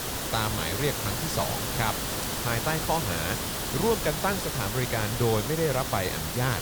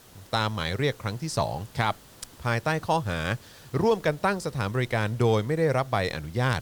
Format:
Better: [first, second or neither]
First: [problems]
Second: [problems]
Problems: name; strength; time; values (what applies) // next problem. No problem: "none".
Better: second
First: hiss; loud; throughout; as loud as the speech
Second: hiss; faint; throughout; 25 dB below the speech